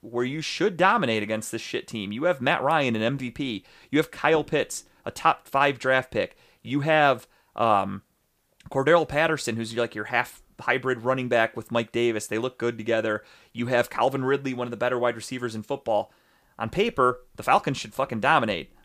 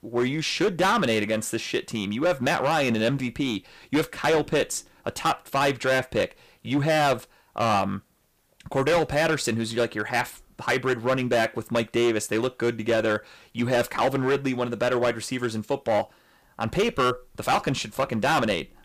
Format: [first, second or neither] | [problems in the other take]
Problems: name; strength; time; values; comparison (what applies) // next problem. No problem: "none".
first | distortion; heavy; 10% of the sound clipped